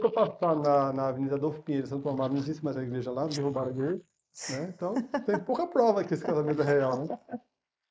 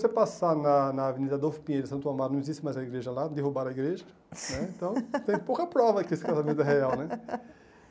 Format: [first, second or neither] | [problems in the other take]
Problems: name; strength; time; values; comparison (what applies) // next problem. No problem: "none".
second | noise reduction (neural mask model Resemble Enhance denoiser)